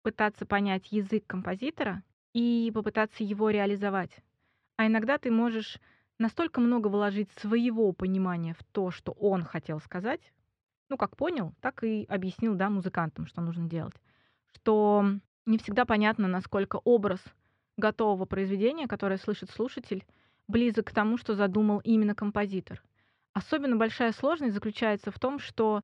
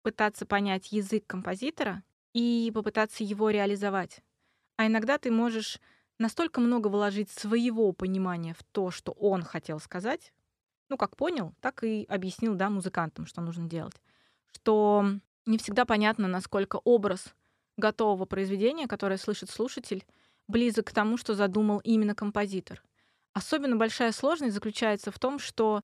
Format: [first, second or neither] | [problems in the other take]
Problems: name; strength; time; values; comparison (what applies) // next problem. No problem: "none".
second | muffled; slightly; fading above 2.5 kHz